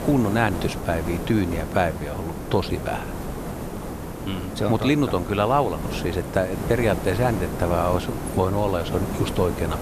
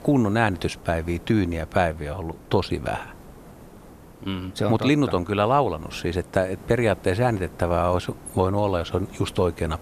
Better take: second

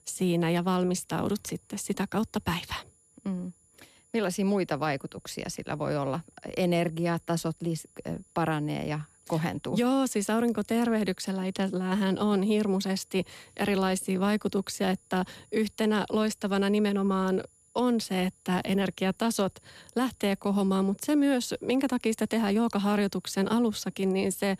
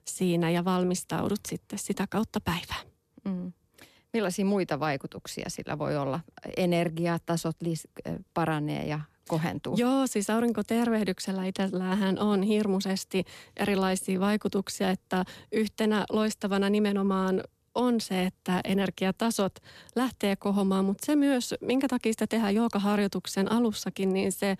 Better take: second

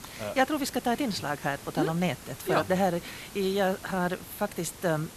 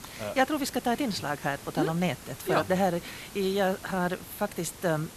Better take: neither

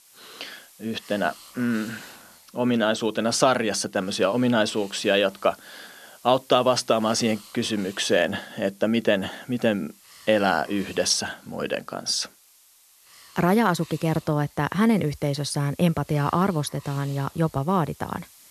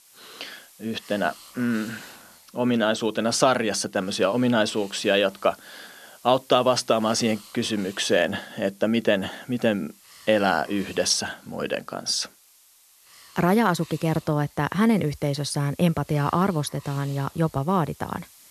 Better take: neither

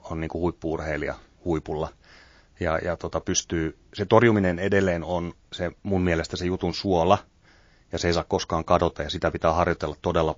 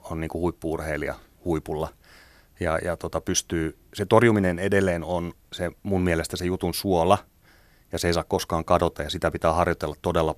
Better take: second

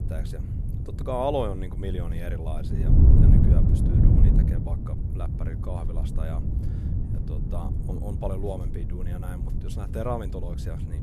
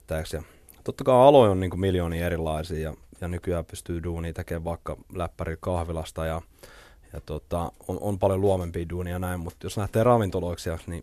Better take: second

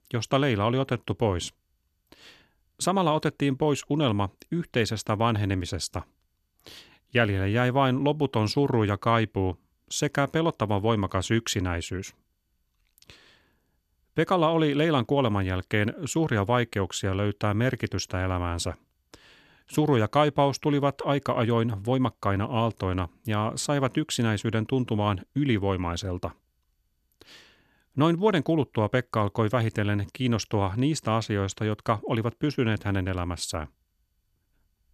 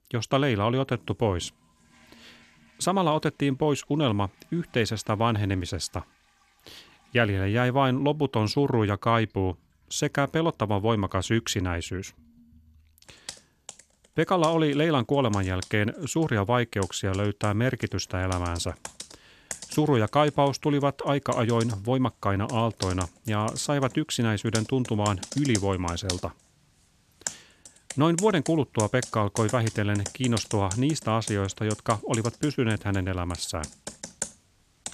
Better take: first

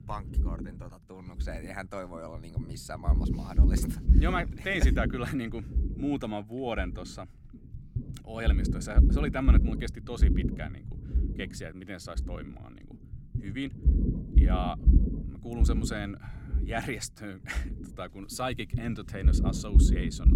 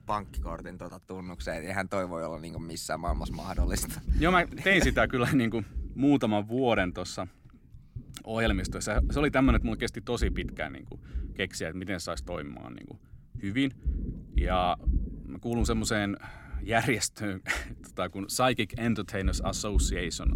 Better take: second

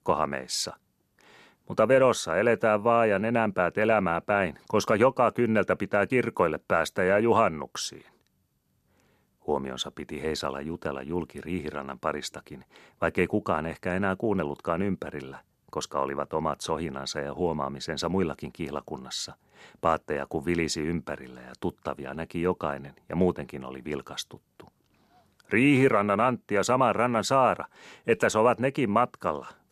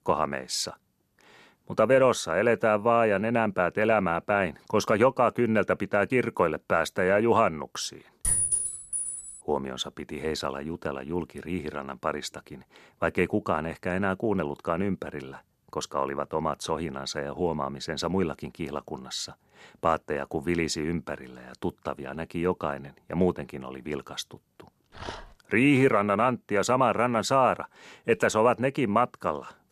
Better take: first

